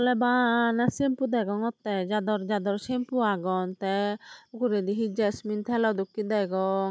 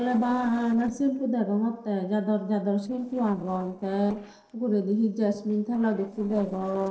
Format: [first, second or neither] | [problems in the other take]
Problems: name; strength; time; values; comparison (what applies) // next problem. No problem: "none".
first | noise reduction (neural separator model SepFormer DNS4)